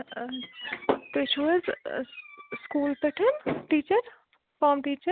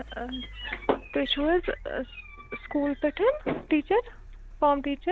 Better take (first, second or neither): first